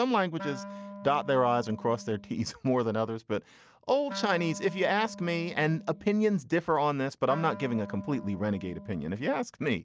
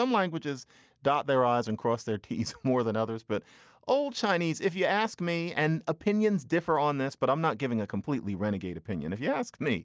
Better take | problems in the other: second | background sound (Wind instrument, woodwind instrument); 15 dB below the speech

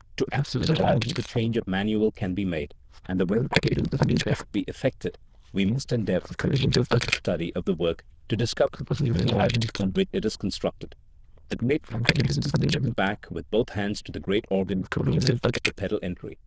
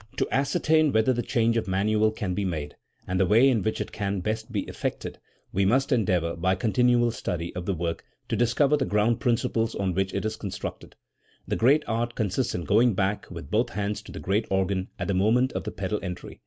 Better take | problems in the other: second | noise reduction (neural diffusion model UNIVERSE++)

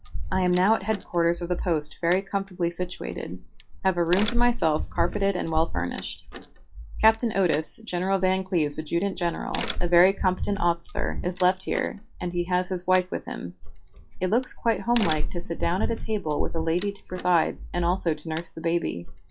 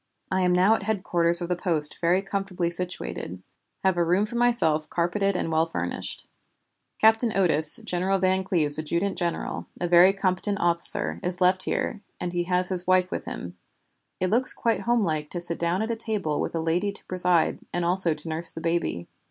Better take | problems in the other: second | noise reduction (classical method log-MMSE)

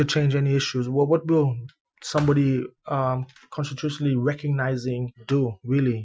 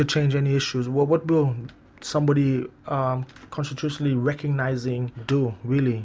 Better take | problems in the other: second | noise reduction (classical method Wiener filter)

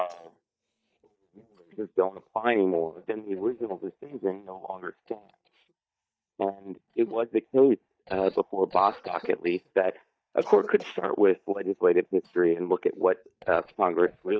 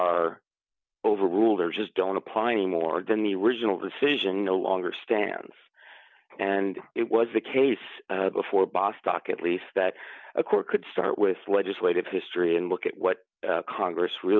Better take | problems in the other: second | noise reduction (neural mask model DeepFilterNet 3)

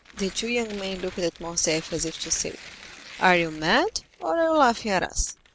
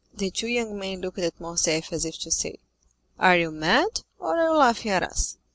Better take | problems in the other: second | background sound (Tearing); 19 dB below the speech

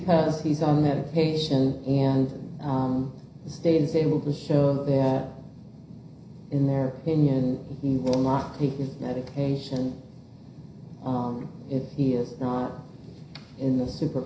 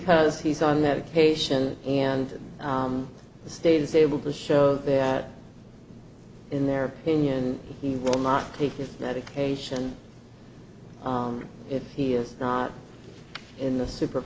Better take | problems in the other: second | room echo; dies away in 0.5 s

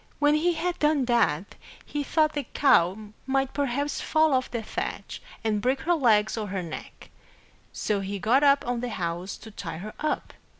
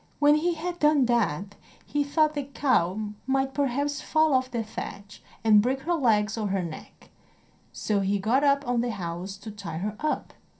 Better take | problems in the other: first | room echo; dies away in 0.3 s

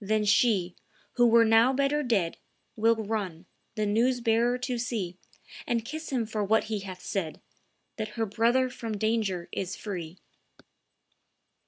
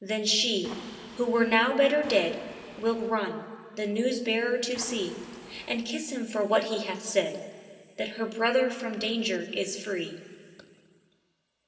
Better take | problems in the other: first | background sound (Waves, surf); 18 dB below the speech // room echo; dies away in 2.2 s

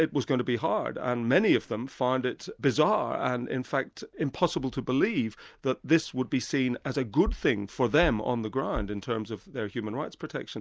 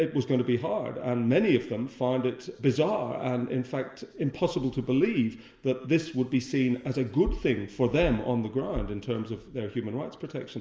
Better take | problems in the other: first | room echo; dies away in 2.1 s

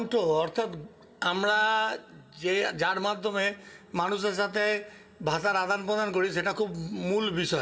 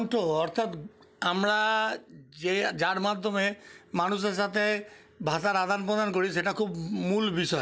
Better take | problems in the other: second | room echo; dies away in 2.3 s

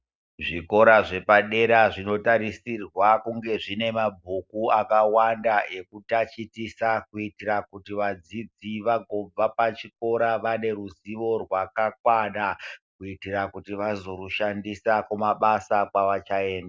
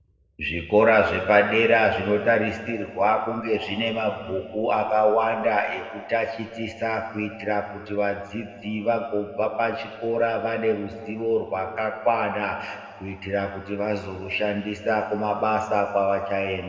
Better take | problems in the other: first | room echo; dies away in 2 s

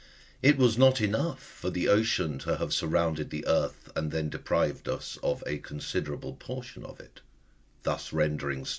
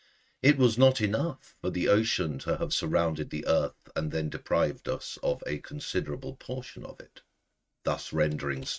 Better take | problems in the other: first | noise reduction (neural mask model RNNoise)

